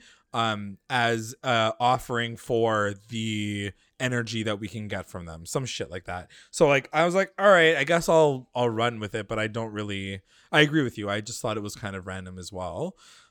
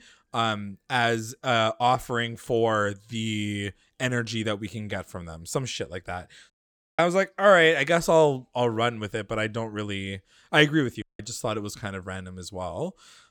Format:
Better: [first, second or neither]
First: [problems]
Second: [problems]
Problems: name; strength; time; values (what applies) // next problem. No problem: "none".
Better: first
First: none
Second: audio cutting out; at 6.5 s and at 11 s